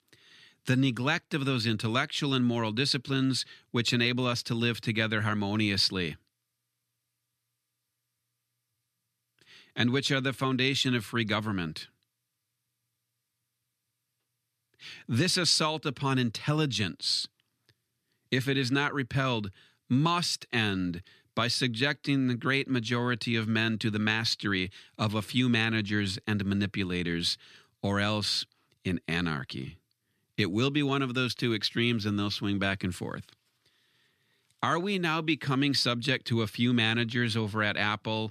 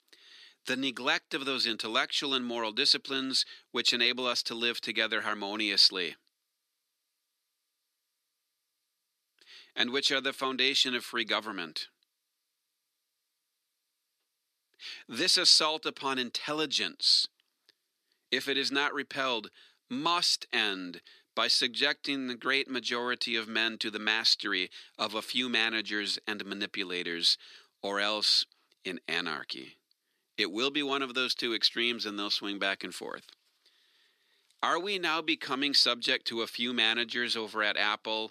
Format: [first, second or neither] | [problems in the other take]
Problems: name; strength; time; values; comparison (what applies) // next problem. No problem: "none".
first | thin; somewhat; fading below 350 Hz